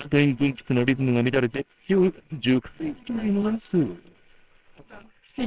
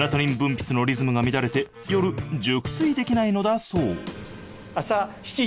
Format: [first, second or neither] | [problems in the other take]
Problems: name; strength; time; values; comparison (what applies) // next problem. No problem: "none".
second | noise reduction (neural separator model SepFormer WHAMR!)